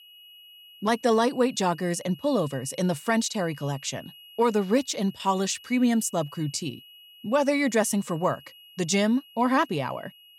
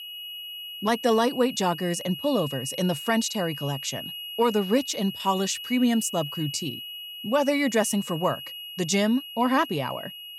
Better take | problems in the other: first | high-pitched whine; loud; throughout; 3 kHz, 10 dB below the speech; faint in the first

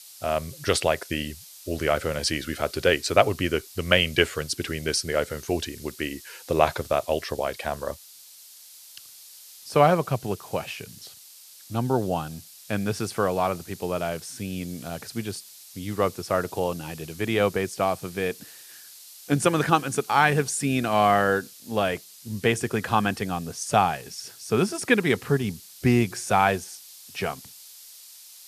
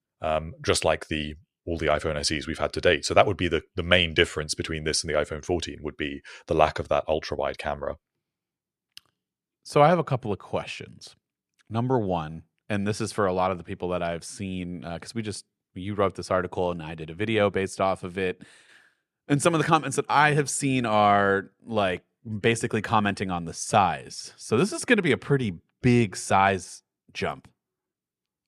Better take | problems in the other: second | hiss; noticeable; throughout; 20 dB below the speech

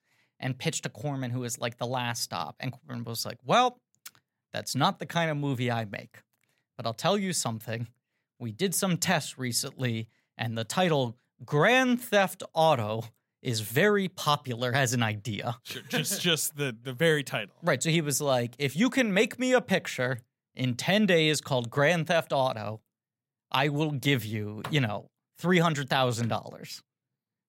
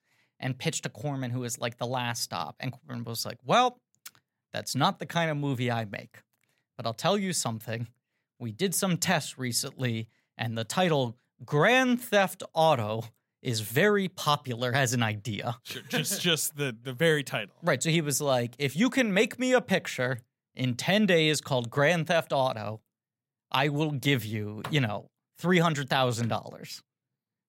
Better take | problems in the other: neither | none

